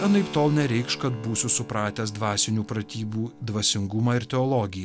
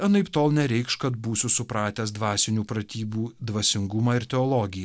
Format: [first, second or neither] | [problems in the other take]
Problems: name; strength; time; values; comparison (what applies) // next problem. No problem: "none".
second | background sound (Keyboard (musical)); 16 dB below the speech